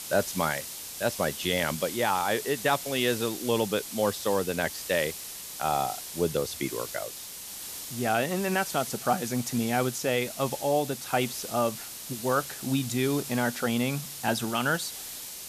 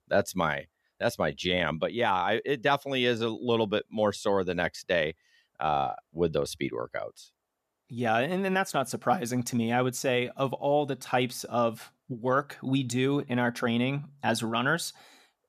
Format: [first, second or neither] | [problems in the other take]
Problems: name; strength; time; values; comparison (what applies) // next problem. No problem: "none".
second | hiss; loud; throughout; 8 dB below the speech